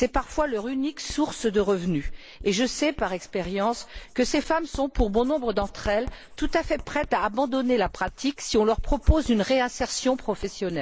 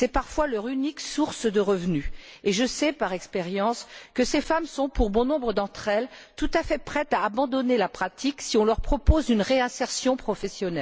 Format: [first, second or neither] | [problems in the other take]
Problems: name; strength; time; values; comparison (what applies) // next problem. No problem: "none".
second | noise reduction (neural mask model Resemble Enhance denoiser)